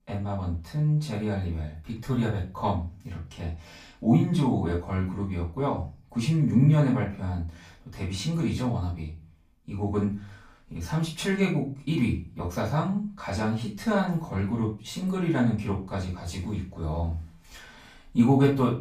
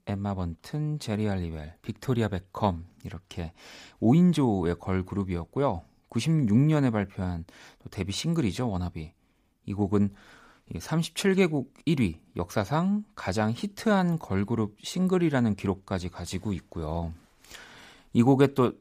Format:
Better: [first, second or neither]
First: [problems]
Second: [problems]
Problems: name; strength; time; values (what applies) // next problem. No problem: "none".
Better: second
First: off-mic speech; far // room echo; slight; dies away in 0.3 s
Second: none